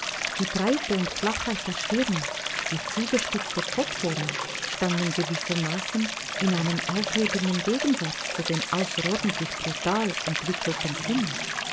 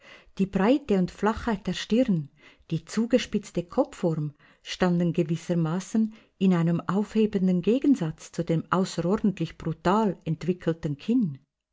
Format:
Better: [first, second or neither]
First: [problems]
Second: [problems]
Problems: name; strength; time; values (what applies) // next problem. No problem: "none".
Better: second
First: background sound (Stream); 2 dB below the speech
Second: none